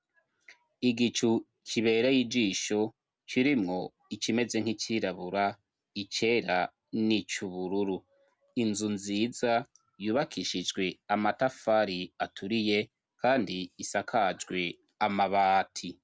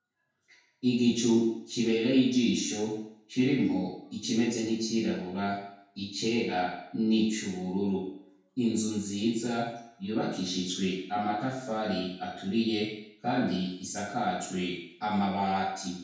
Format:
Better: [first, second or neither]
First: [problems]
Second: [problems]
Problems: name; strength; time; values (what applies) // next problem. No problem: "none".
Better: first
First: none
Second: room echo; dies away in 0.6 s